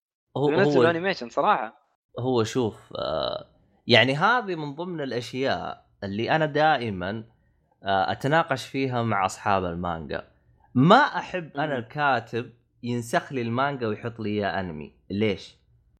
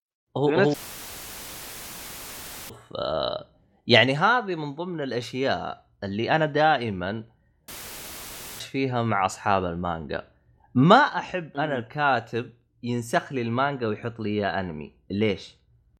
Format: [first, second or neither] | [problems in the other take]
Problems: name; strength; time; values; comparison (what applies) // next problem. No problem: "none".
first | audio cutting out; filled with static; at 0.5 s for 2 s and at 7.5 s for 1 s